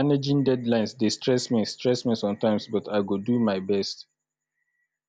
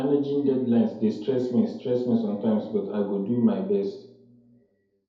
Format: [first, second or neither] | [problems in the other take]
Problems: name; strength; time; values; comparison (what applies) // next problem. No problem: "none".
first | room echo; dies away in 2 s